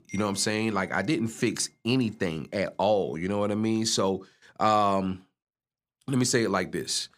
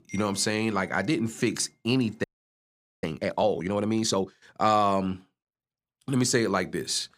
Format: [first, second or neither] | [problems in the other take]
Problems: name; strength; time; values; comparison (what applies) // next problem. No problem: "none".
first | audio freezing; at 2 s for 1 s